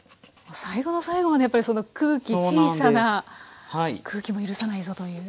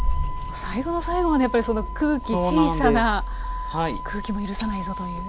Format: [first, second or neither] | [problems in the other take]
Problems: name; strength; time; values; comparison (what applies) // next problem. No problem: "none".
first | background sound (Motor vehicle (road)); 4 dB below the speech